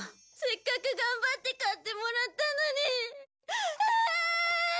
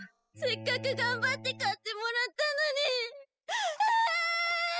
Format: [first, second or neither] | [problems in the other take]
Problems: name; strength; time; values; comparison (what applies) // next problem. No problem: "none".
first | noise reduction (classical method spectral subtraction)